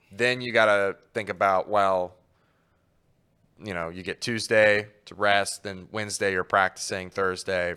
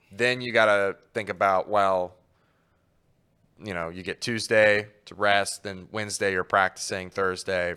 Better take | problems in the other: neither | none

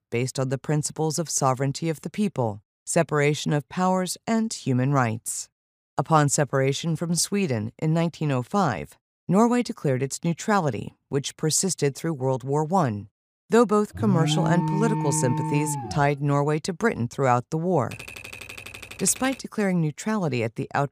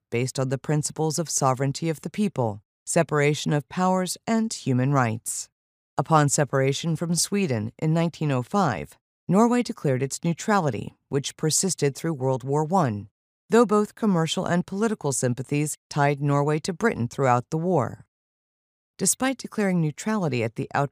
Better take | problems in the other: second | alarm; noticeable; from 14 to 16 s; peak level with the speech // keyboard typing; faint; from 18 to 19 s; peak 15 dB below the speech

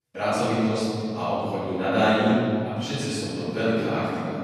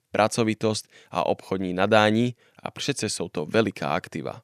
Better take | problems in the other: second | off-mic speech; far // room echo; strong; dies away in 2.5 s

